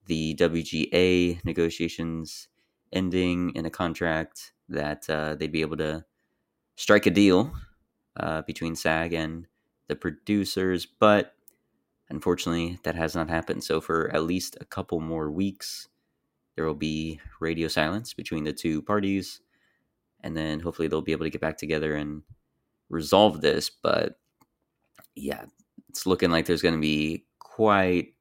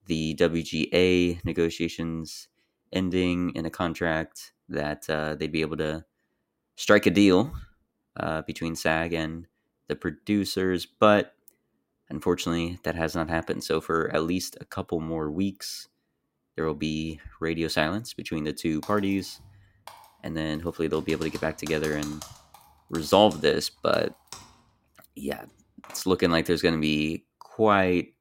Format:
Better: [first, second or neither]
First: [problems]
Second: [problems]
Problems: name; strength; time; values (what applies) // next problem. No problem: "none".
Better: first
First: none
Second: keyboard typing; faint; from 19 to 26 s; peak 15 dB below the speech